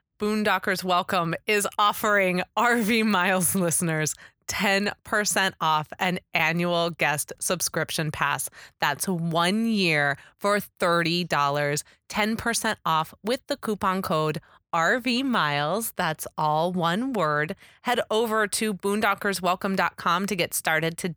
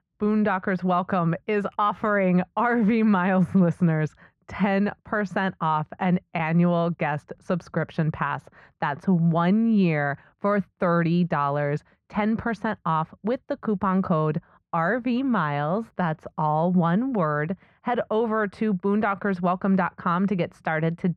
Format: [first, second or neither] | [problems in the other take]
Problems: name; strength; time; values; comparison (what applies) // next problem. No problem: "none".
first | muffled; very; fading above 1.5 kHz